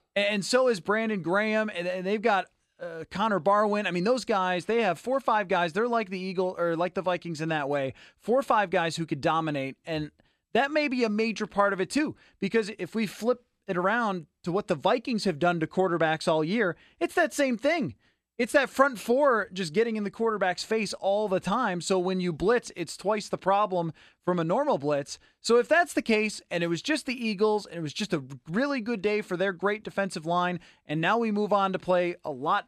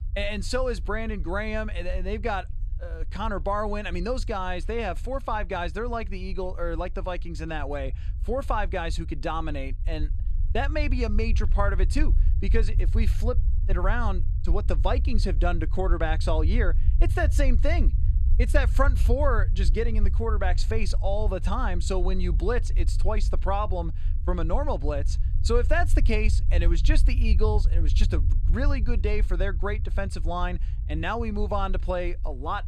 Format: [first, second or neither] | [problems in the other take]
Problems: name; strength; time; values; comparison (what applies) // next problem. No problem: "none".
first | low rumble; noticeable; throughout; 20 dB below the speech